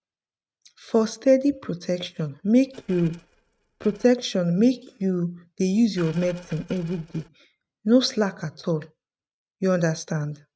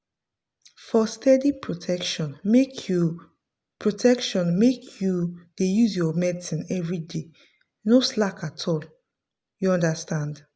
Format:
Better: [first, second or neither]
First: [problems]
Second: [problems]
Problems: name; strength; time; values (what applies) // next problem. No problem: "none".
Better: second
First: noise reduction (neural mask model RNNoise)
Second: none